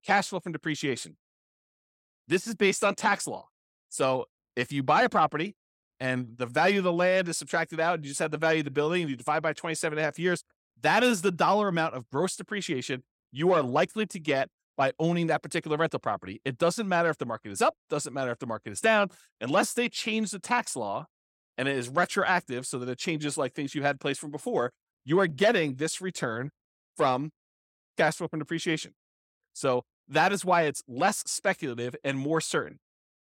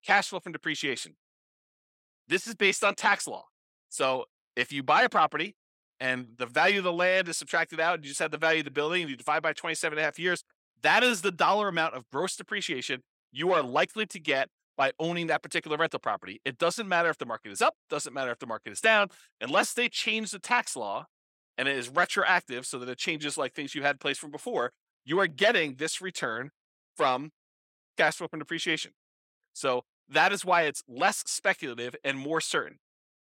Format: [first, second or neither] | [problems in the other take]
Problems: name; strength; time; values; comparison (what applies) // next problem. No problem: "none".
first | thin; very slightly; fading below 650 Hz